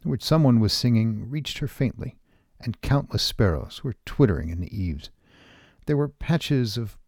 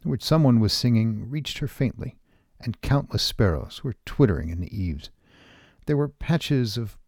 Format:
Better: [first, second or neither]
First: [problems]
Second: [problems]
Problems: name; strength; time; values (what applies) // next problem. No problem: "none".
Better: neither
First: none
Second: none